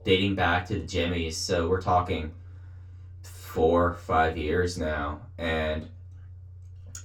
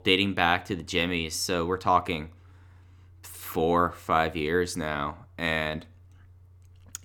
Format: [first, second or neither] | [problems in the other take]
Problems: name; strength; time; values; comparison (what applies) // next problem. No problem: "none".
second | room echo; very slight; dies away in 0.2 s // off-mic speech; far